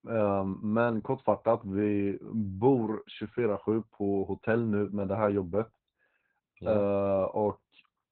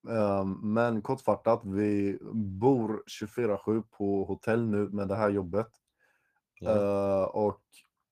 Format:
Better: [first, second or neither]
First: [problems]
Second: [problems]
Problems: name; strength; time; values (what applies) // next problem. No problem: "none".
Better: second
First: garbled, watery; badly; nothing above 4 kHz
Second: garbled, watery; slightly; nothing above 14.5 kHz